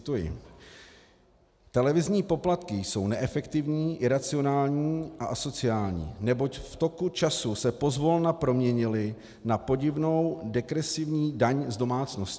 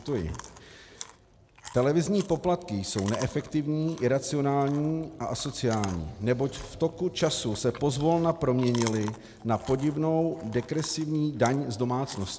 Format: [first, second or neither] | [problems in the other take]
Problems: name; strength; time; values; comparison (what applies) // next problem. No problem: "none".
first | background sound (Chewing, mastication); 18 dB below the speech